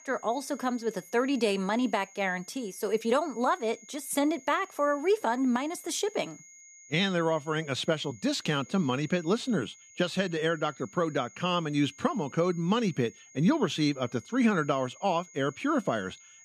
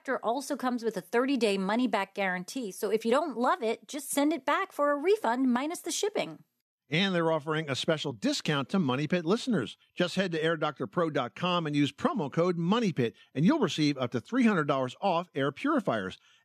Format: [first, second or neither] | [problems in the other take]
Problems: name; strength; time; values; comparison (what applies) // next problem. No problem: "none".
second | high-pitched whine; faint; throughout; 6.5 kHz, 20 dB below the speech